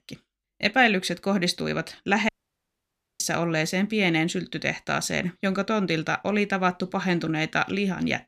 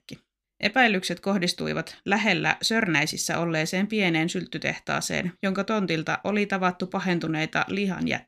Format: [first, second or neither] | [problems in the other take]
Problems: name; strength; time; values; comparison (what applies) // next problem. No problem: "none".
second | audio cutting out; at 2.5 s for 1 s